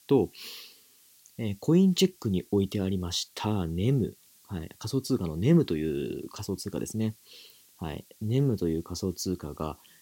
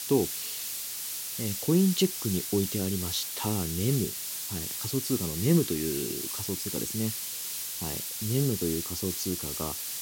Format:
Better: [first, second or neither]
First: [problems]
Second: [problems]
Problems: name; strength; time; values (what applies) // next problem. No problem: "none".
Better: first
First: hiss; faint; throughout; 25 dB below the speech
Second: hiss; loud; throughout; 2 dB below the speech